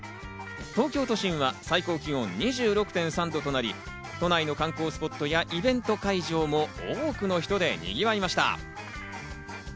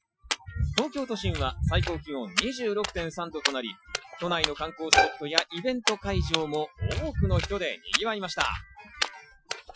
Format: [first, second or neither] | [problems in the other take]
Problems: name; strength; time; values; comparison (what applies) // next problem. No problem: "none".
first | noise reduction (classical method Wiener filter)